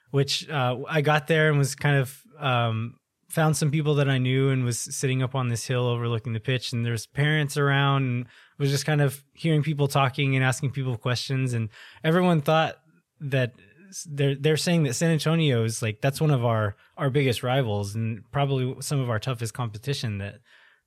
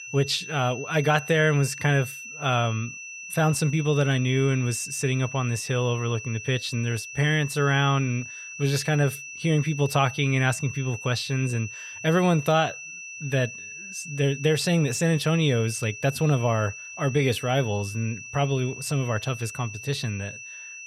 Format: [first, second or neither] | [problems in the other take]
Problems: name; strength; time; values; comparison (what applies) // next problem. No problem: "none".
first | high-pitched whine; noticeable; throughout; 2.5 kHz, 10 dB below the speech